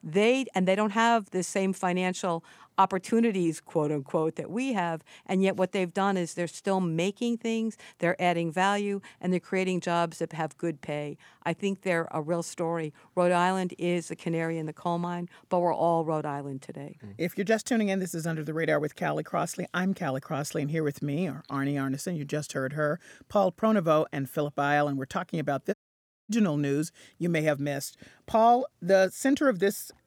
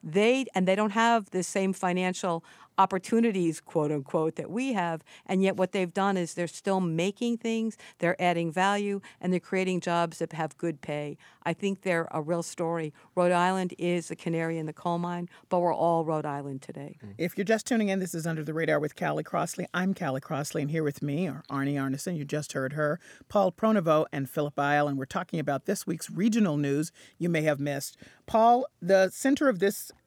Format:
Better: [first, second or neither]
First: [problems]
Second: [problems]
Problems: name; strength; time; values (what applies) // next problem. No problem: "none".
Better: second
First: audio cutting out; at 26 s for 0.5 s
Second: none